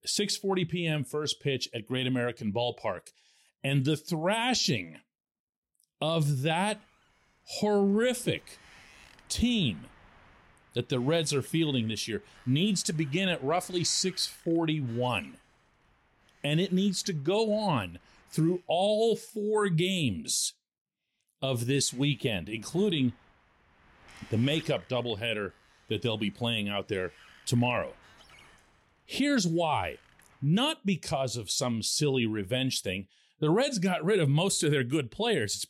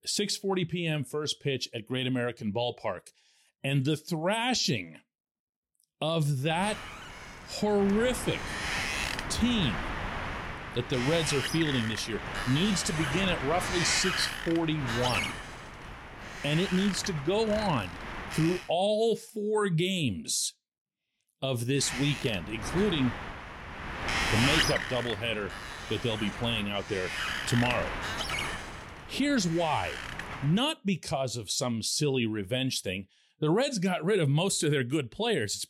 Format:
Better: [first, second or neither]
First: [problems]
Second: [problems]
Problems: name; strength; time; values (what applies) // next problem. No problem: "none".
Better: first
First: wind noise on the microphone; occasional gusts; from 6.5 to 19 s and from 22 to 31 s; 25 dB below the speech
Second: wind noise on the microphone; heavy; from 6.5 to 19 s and from 22 to 31 s; 2 dB below the speech